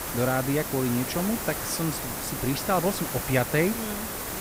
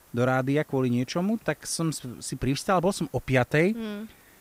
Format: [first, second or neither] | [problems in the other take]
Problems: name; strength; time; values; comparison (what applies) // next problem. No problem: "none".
second | hiss; loud; throughout; 3 dB below the speech; faint in the second